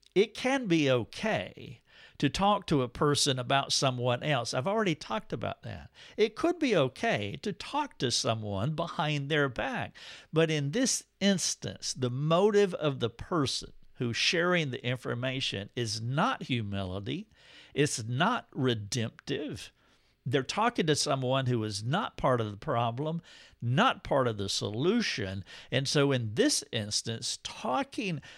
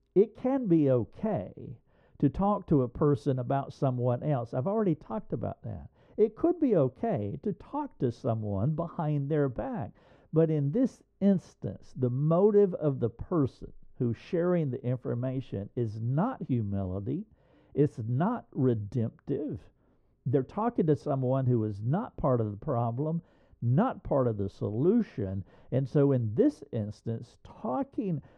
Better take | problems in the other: first | muffled; very; fading above 1.5 kHz

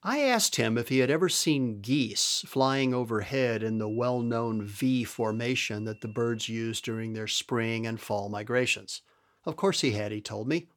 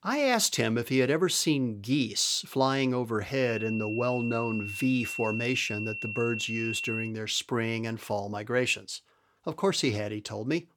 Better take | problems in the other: first | high-pitched whine; loud; from 3.5 to 7 s; 2.5 kHz, 6 dB below the speech; faint in the first

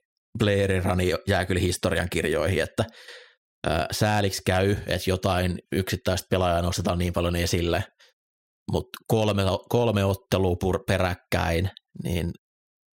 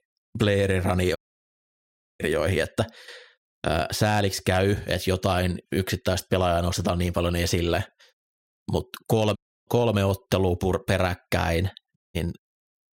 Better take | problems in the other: first | audio cutting out; at 1 s for 1 s, at 9.5 s and at 12 s

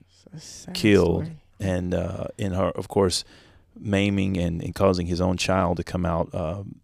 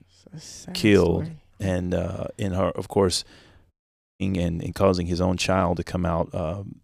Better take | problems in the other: first | audio cutting out; at 3.5 s

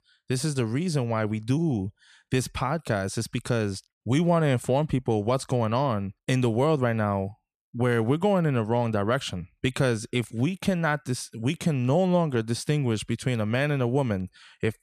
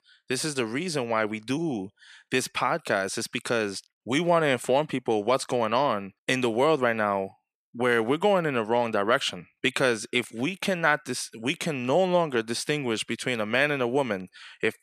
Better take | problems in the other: first | thin; somewhat; fading below 300 Hz

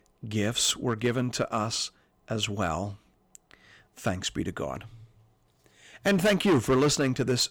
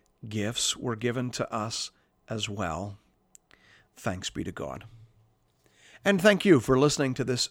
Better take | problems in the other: second | distortion; heavy; 4% of the sound clipped

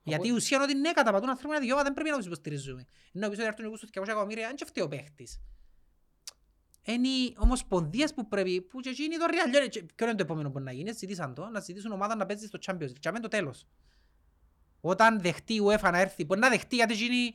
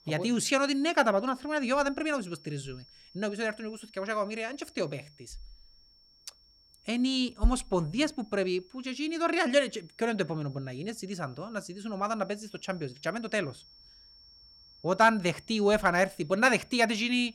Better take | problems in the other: first | high-pitched whine; faint; throughout; 5.5 kHz, 25 dB below the speech

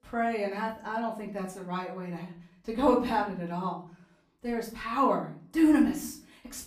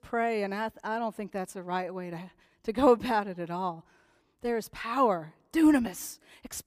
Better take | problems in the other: second | off-mic speech; far // room echo; slight; dies away in 0.4 s

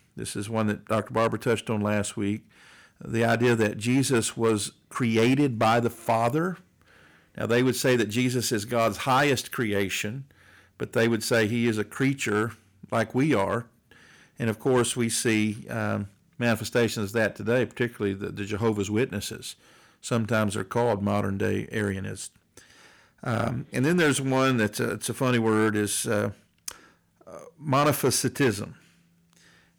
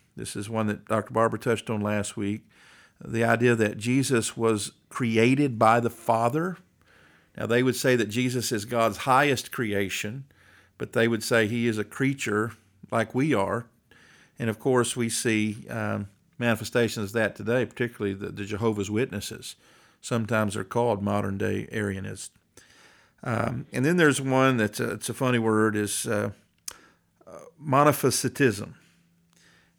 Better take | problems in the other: second | distortion; slight; 4% of the sound clipped

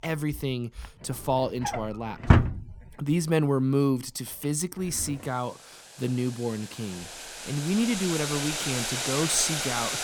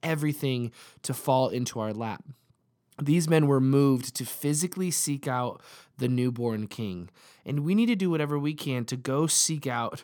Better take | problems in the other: second | household noises; very loud; throughout; as loud as the speech

